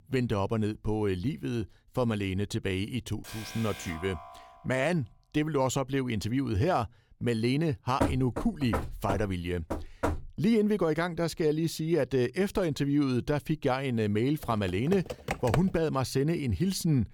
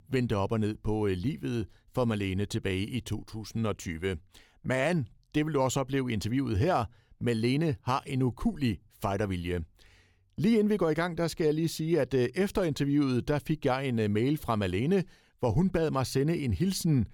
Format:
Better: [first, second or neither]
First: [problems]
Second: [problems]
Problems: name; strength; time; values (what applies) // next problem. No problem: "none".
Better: second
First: alarm; faint; from 3 to 5 s; peak 10 dB below the speech // door banging; noticeable; from 8 to 10 s; peak 1 dB below the speech // keyboard typing; noticeable; from 14 to 16 s; peak 4 dB below the speech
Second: none